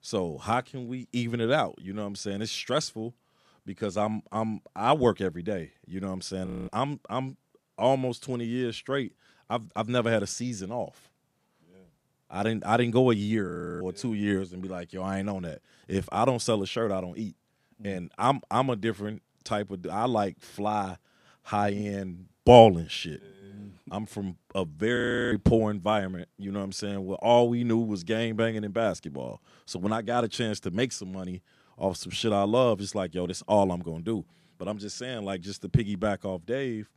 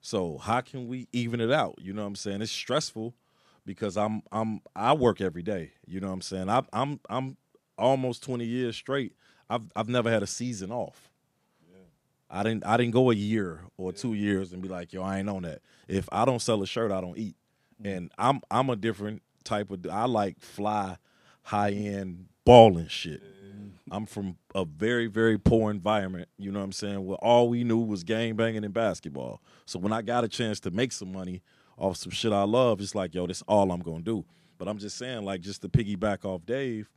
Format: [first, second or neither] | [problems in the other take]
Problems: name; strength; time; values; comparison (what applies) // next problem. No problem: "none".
second | audio freezing; at 6.5 s, at 13 s and at 25 s